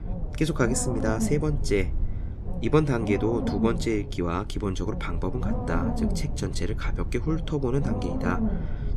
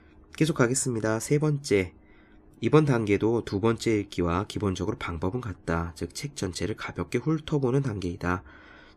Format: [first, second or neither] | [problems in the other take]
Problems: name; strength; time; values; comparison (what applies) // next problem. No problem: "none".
second | low rumble; loud; throughout; 7 dB below the speech